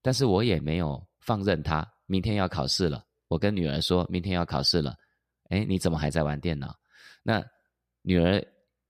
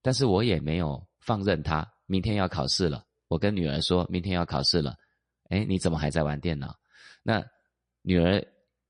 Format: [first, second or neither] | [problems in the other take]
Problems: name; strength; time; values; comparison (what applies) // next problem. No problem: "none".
first | garbled, watery; slightly; nothing above 10 kHz